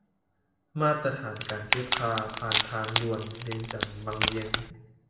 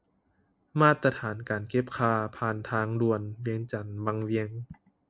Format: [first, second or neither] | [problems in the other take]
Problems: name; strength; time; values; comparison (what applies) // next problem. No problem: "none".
second | background sound (Wood); 1 dB above the speech // room echo; dies away in 0.8 s